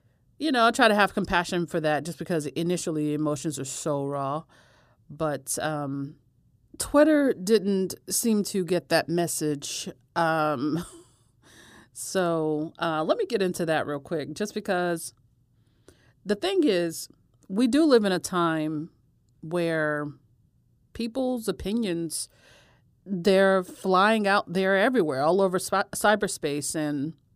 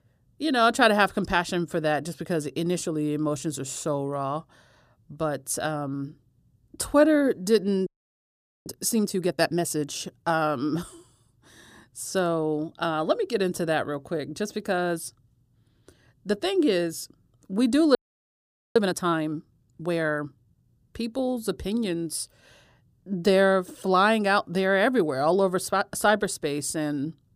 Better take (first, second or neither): first